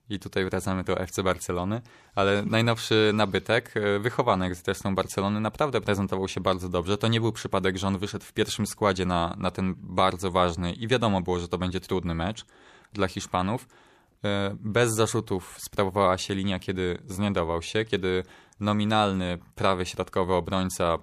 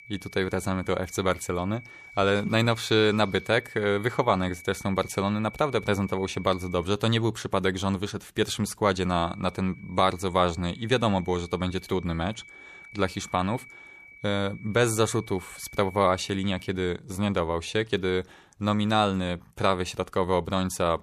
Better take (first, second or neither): first